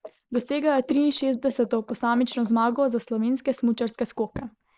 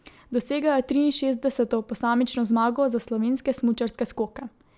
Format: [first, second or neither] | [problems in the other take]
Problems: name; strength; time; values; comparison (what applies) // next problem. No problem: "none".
second | noise reduction (neural mask model Resemble Enhance denoiser)